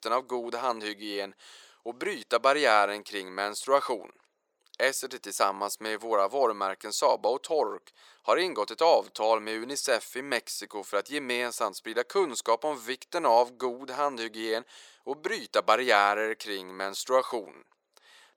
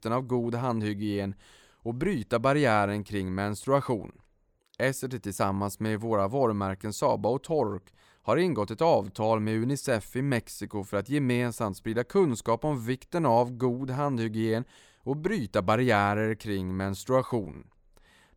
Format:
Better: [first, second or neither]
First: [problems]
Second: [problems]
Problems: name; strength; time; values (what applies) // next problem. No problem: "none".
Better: second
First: thin; very; fading below 450 Hz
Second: none